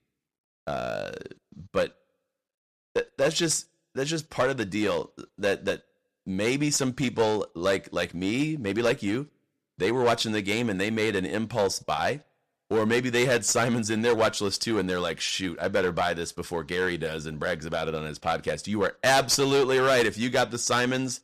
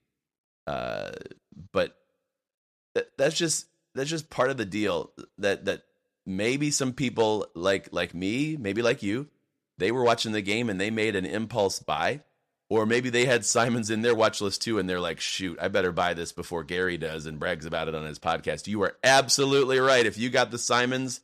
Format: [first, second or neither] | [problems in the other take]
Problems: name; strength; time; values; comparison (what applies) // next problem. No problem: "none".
second | distortion; slight; 4% of the sound clipped